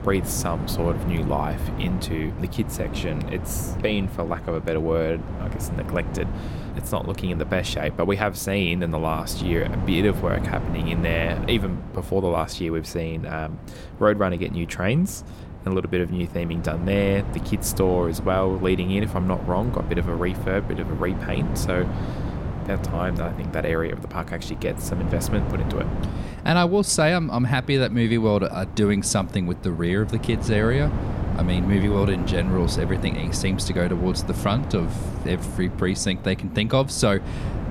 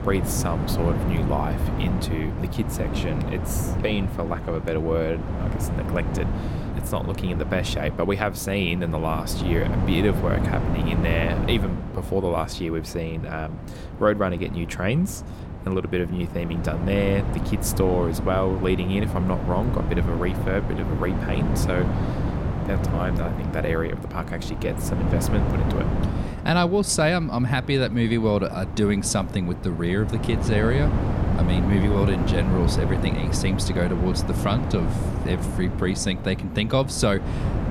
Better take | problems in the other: first | wind noise on the microphone; heavy; 6 dB below the speech; occasional gusts in the first

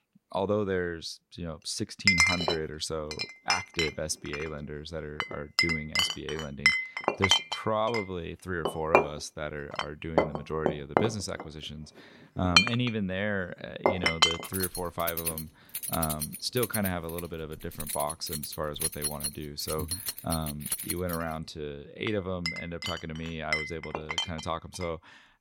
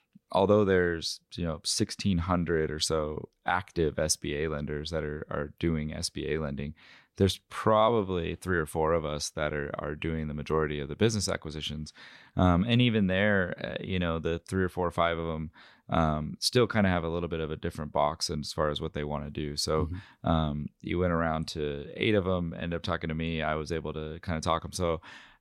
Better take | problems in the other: second | household noises; very loud; throughout; 5 dB above the speech

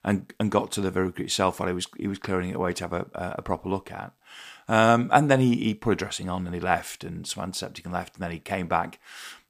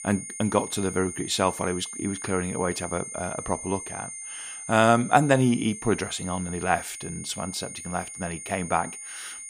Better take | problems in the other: first | high-pitched whine; loud; throughout; 9 kHz, 9 dB below the speech

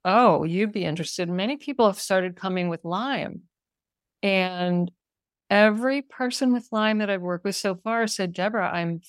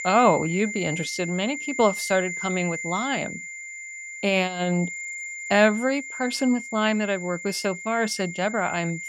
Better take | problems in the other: first | high-pitched whine; loud; throughout; 2 kHz, 8 dB below the speech

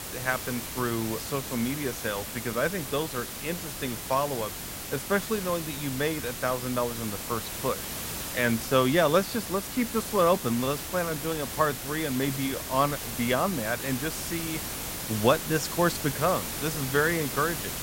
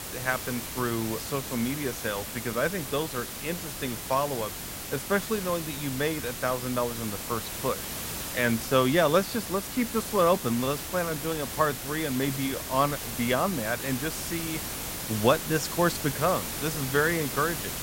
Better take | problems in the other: neither | hiss; loud; throughout; 5 dB below the speech; the same in both

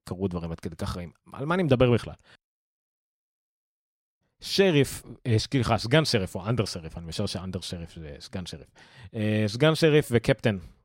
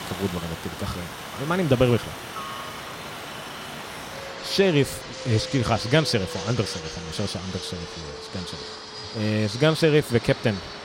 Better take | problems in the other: first | train or aircraft noise; noticeable; throughout; 10 dB below the speech

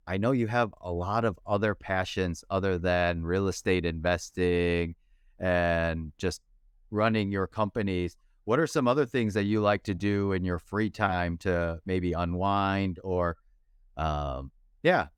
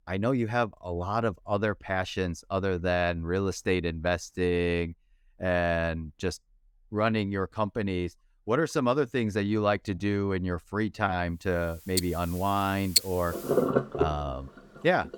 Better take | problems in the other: first | household noises; very loud; from 12 s on; 1 dB above the speech

